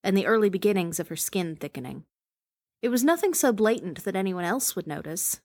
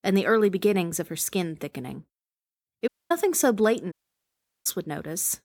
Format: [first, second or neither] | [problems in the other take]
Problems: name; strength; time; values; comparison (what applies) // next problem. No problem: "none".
first | audio cutting out; at 3 s and at 4 s for 0.5 s